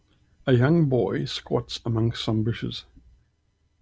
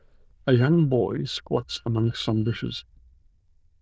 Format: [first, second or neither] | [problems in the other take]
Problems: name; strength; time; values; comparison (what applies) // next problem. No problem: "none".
first | noise reduction (neural diffusion model UNIVERSE++)